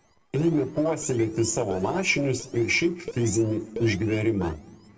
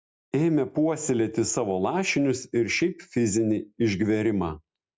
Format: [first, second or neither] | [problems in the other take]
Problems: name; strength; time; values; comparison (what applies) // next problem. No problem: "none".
second | noise reduction (neural separator model SepFormer DNS4)